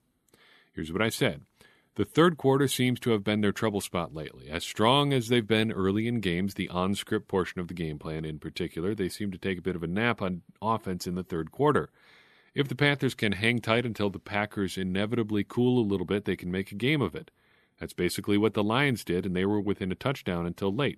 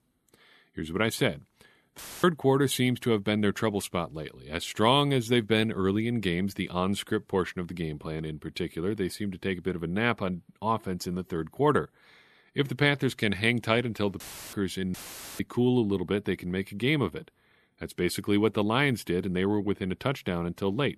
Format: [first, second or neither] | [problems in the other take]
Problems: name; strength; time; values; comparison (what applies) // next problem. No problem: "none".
first | audio cutting out; filled with static; at 2 s, at 14 s and at 15 s